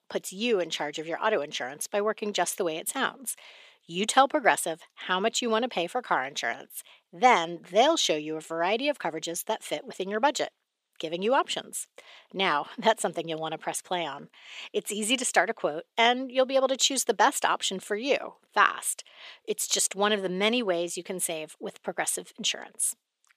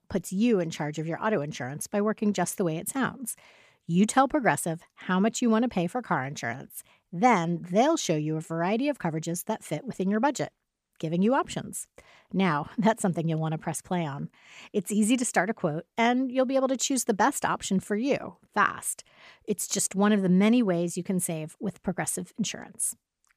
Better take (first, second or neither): second